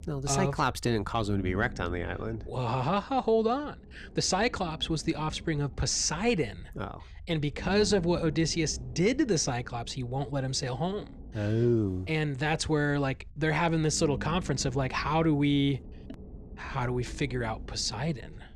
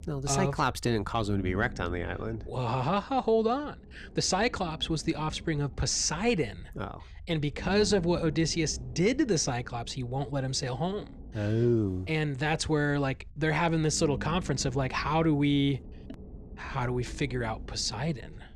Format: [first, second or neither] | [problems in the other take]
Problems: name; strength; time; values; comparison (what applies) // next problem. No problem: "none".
neither | low rumble; faint; throughout; 20 dB below the speech; the same in both